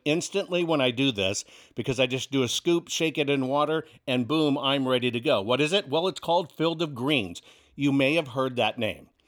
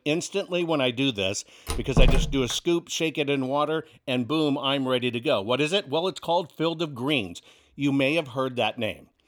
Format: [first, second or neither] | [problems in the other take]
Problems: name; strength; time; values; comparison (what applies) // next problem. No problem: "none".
first | door banging; loud; at 1.5 s; peak 2 dB above the speech